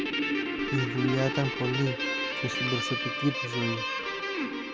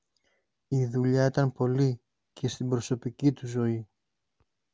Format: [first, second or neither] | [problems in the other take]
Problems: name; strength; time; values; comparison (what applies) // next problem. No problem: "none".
second | background sound (Guitar); 1 dB above the speech